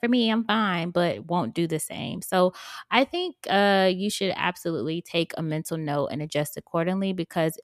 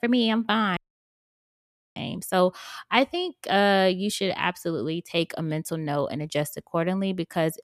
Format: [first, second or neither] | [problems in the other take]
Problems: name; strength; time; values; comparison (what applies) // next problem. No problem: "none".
first | audio cutting out; at 1 s for 1 s